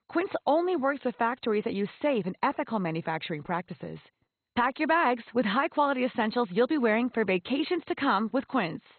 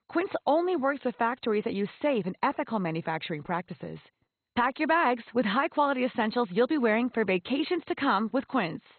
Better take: neither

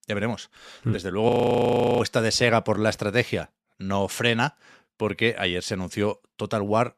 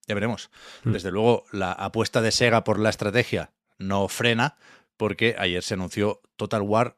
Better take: second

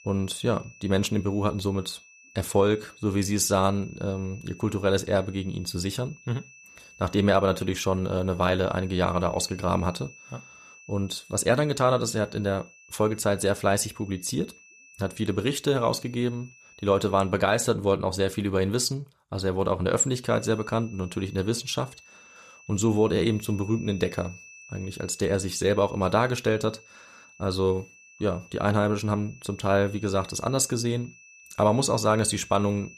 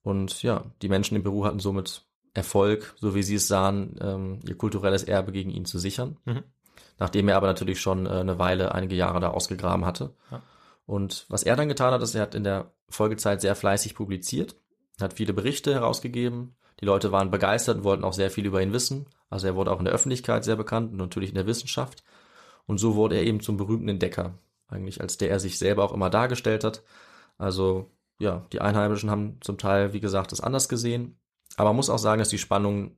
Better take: second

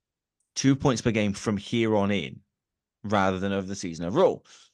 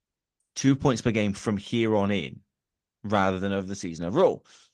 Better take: first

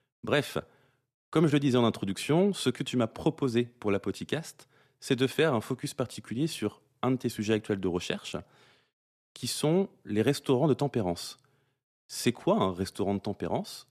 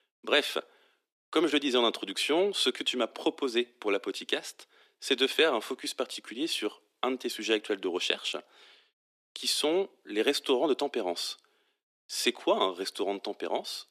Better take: first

